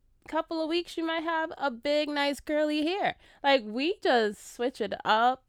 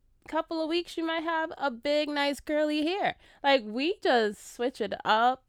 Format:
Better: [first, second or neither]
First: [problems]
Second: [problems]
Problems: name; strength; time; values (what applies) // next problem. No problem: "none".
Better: neither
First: none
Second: none